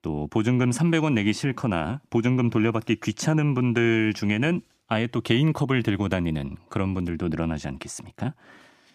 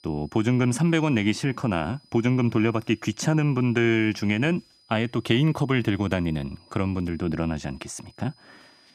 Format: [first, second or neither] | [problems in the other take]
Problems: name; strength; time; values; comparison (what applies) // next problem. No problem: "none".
first | high-pitched whine; faint; throughout; 5 kHz, 30 dB below the speech